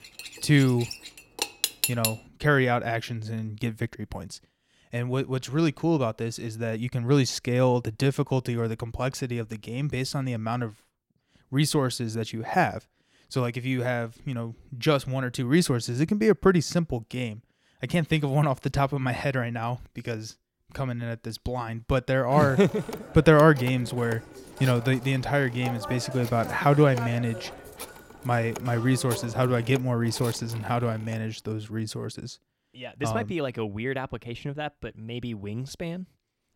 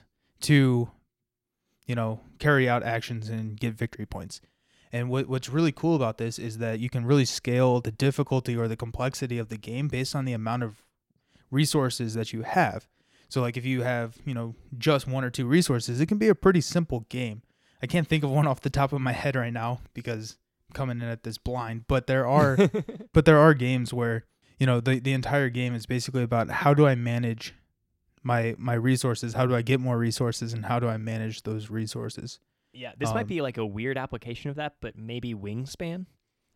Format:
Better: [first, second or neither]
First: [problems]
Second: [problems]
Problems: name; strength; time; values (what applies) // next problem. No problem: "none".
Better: second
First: clattering dishes; loud; until 2 s; peak level with the speech // phone ringing; noticeable; from 22 to 31 s; peak 9 dB below the speech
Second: none